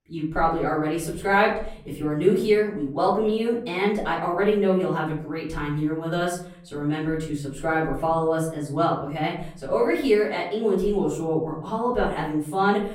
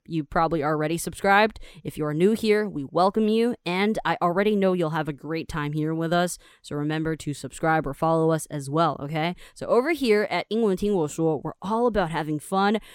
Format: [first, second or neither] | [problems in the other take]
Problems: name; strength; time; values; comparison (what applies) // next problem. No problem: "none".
second | off-mic speech; far // room echo; slight; dies away in 0.5 s